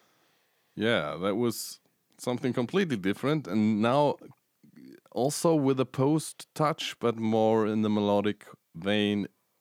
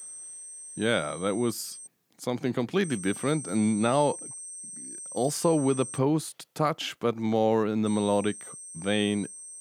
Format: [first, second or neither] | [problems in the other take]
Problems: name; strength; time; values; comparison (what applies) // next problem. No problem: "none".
first | high-pitched whine; noticeable; until 2 s, from 3 to 6 s and from 8 s on; 8.5 kHz, 10 dB below the speech